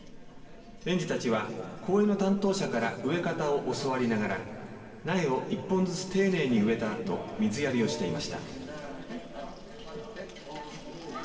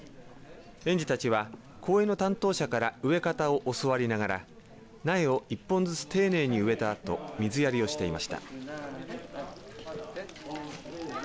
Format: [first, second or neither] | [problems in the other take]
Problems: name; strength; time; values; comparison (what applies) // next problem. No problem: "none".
second | room echo; dies away in 2.7 s